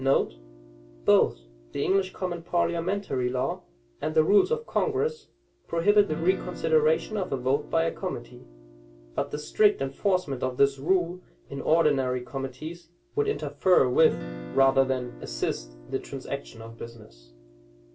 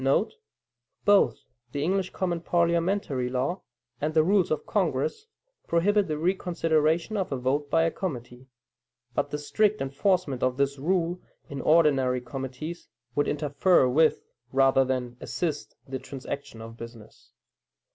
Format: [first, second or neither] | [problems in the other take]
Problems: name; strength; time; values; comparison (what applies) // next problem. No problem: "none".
second | background sound (Guitar); 18 dB below the speech // room echo; dies away in 0.2 s